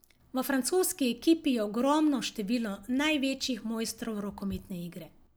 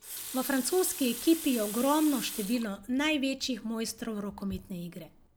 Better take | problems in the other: first | background sound (Water tap, faucet); 12 dB below the speech

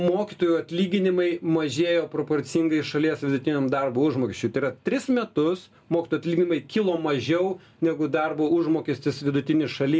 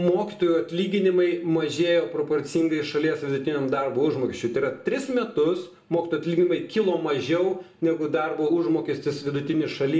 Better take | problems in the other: first | room echo; dies away in 0.6 s

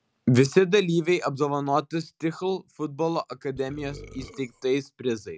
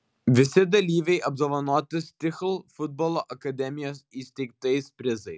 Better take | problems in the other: second | background sound (Burping, eructation); 18 dB below the speech

